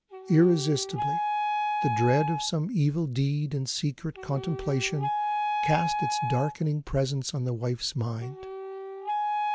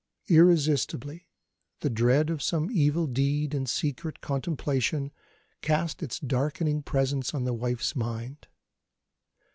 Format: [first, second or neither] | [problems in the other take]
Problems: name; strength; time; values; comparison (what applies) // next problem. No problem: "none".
second | background sound (Wind instrument, woodwind instrument); 4 dB below the speech